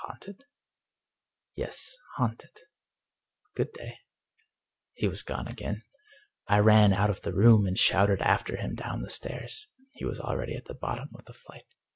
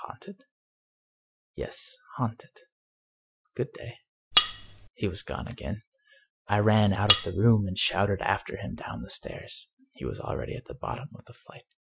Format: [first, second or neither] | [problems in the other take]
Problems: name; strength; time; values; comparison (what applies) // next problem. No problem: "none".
first | noise reduction (classical method Wiener filter)